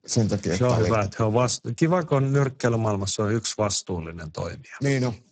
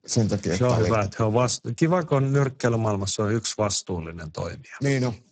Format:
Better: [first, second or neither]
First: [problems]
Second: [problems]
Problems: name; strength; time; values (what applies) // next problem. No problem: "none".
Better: neither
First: garbled, watery; badly; nothing above 8 kHz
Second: garbled, watery; badly; nothing above 8 kHz